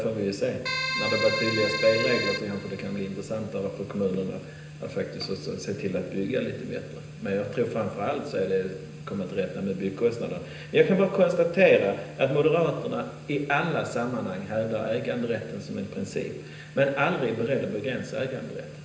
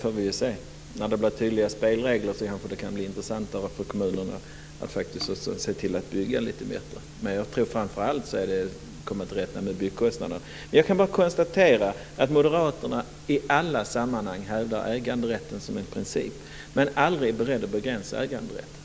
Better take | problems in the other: second | background sound (Keyboard (musical)); 4 dB below the speech // room echo; dies away in 0.9 s

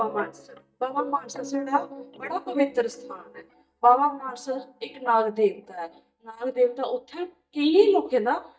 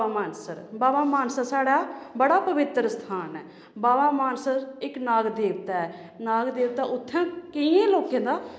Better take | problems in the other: second | noise reduction (neural mask model DeepFilterNet 3)

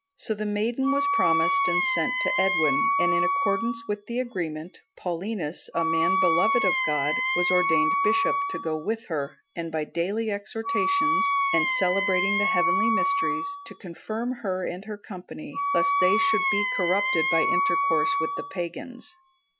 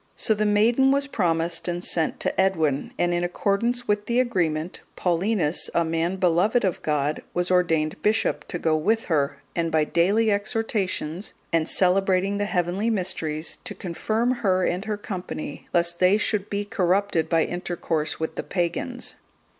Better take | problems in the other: second | noise reduction (classical method Wiener filter)

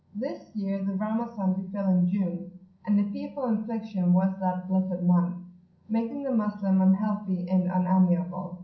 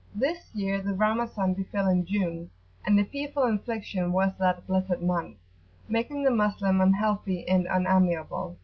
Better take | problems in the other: second | room echo; dies away in 0.6 s

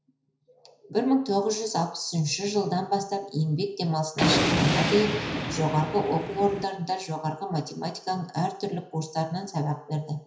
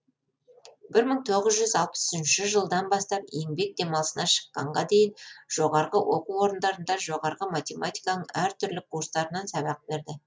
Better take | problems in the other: second | background sound (Thunder); 1 dB above the speech // room echo; dies away in 0.5 s

